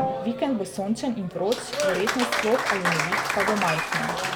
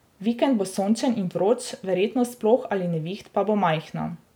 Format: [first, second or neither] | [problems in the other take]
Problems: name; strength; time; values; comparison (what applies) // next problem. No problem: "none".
second | background sound (Applause); as loud as the speech